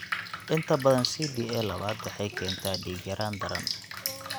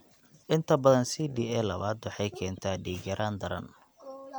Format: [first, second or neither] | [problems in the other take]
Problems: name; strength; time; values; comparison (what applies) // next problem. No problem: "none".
second | background sound (Drip); 6 dB below the speech